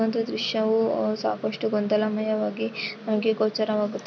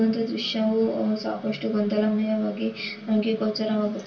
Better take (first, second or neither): first